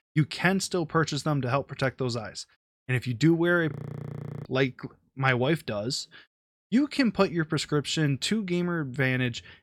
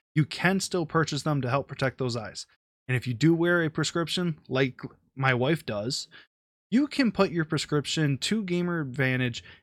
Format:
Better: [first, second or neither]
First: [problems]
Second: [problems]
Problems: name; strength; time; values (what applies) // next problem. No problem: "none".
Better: second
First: audio freezing; at 3.5 s for 0.5 s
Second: none